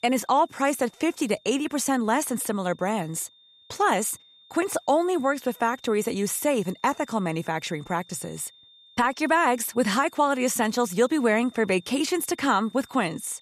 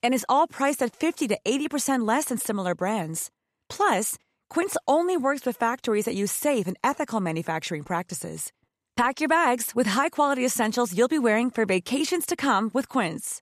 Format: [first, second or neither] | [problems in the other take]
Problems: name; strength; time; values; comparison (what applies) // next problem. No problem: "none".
second | high-pitched whine; faint; throughout; 3.5 kHz, 25 dB below the speech